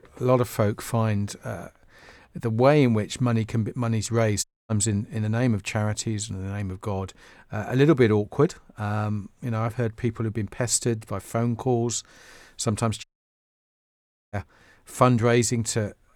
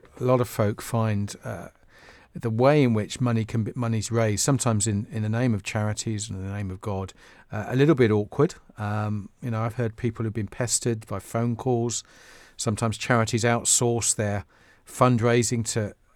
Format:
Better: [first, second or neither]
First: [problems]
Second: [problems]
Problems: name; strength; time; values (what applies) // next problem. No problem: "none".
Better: second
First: audio cutting out; at 4.5 s and at 13 s for 1.5 s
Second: none